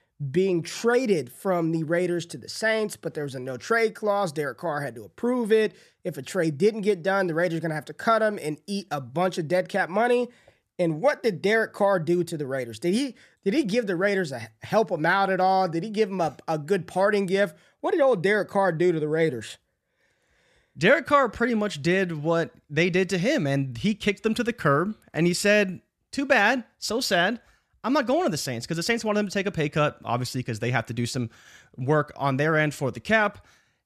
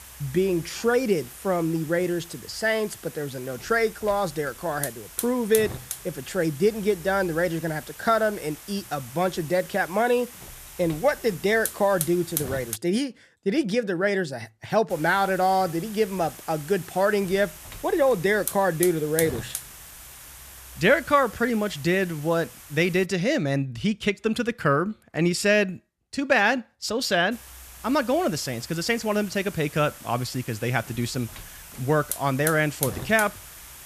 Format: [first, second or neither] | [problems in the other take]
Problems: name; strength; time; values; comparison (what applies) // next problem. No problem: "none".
first | hiss; noticeable; until 13 s, from 15 to 23 s and from 27 s on; 10 dB below the speech